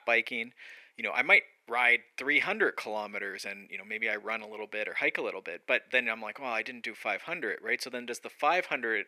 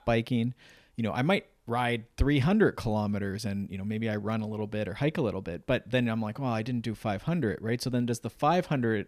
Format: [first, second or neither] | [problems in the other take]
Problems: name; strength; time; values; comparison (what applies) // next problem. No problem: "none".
second | thin; very; fading below 400 Hz